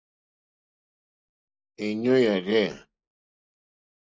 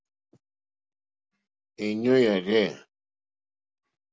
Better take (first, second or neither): second